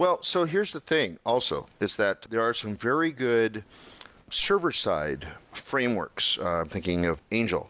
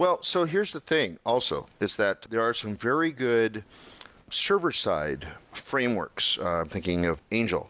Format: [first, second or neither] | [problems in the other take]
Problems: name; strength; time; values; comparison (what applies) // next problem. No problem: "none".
second | background sound (Rattle); 20 dB below the speech